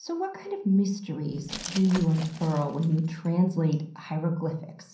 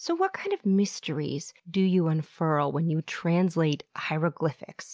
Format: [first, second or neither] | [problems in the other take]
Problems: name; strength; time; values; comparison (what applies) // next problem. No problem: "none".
second | background sound (Glass); 15 dB below the speech // room echo; dies away in 0.6 s